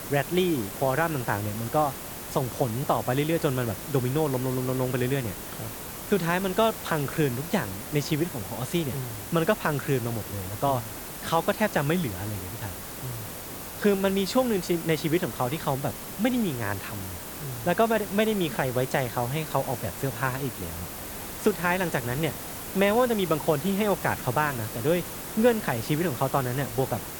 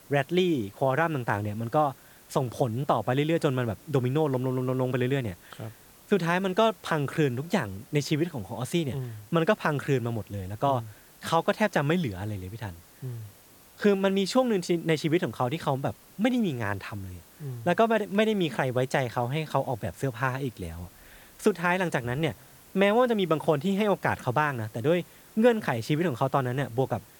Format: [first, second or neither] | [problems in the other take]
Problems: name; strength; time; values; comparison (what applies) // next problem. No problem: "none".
second | hiss; loud; throughout; 8 dB below the speech; faint in the second